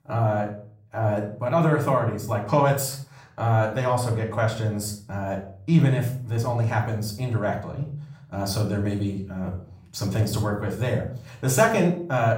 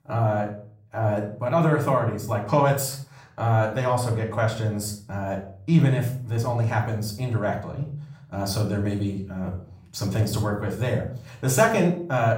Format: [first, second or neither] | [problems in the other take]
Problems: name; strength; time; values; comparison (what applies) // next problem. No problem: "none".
neither | off-mic speech; far; the same in both // room echo; slight; dies away in 0.5 s; the same in both